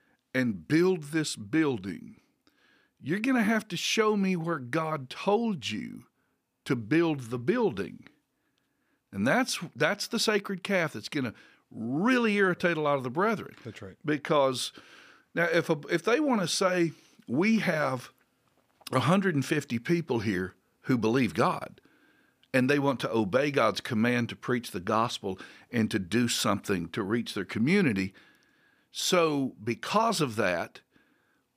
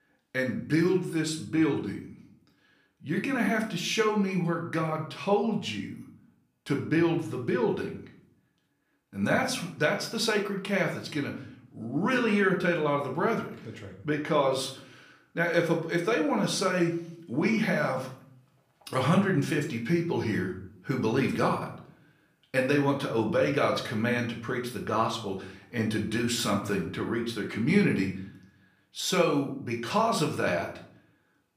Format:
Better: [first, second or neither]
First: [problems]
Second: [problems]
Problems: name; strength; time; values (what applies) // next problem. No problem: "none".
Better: first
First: none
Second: room echo; slight; dies away in 0.5 s // off-mic speech; somewhat distant